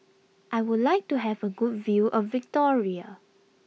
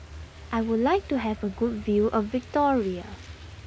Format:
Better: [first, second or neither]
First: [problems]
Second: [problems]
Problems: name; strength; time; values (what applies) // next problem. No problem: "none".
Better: first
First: none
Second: background sound (Truck); 15 dB below the speech